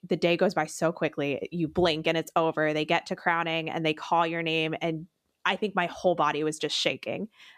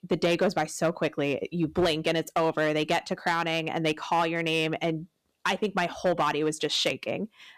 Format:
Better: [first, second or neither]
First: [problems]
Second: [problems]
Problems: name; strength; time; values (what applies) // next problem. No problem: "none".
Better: first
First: none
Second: distortion; slight; 5% of the sound clipped